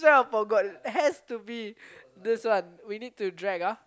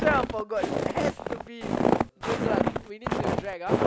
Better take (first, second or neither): first